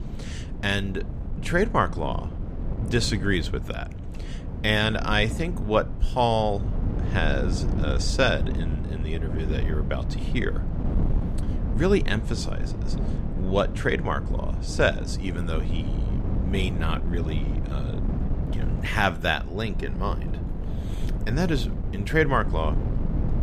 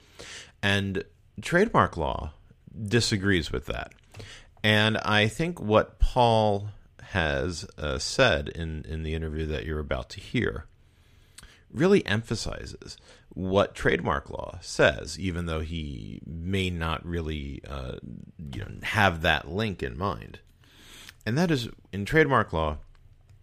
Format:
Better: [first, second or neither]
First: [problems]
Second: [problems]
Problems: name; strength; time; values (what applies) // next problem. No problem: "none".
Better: second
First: wind noise on the microphone; occasional gusts; 15 dB below the speech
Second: none